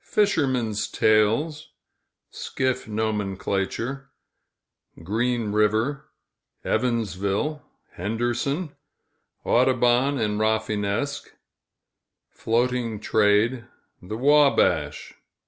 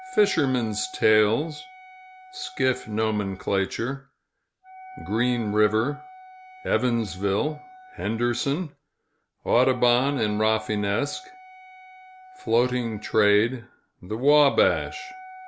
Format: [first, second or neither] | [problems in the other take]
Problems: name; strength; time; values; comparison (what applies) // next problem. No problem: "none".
first | background sound (Wind instrument, woodwind instrument); 19 dB below the speech